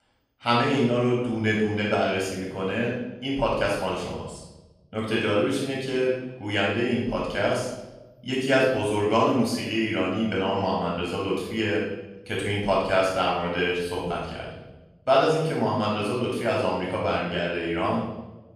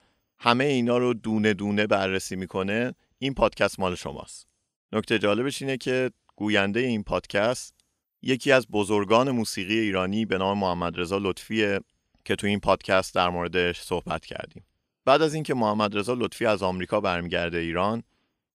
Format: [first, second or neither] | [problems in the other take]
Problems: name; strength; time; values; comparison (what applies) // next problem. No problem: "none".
second | room echo; noticeable; dies away in 0.9 s // off-mic speech; far